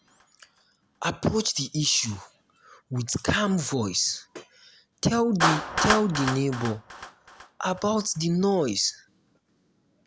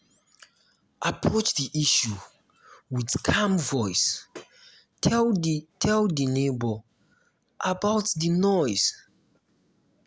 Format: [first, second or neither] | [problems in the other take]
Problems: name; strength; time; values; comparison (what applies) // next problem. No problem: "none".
second | background sound (Clapping); 7 dB below the speech